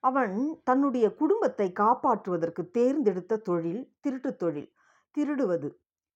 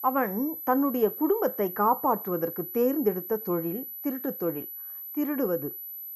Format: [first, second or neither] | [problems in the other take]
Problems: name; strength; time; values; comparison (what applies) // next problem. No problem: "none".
first | high-pitched whine; loud; throughout; 12 kHz, 8 dB below the speech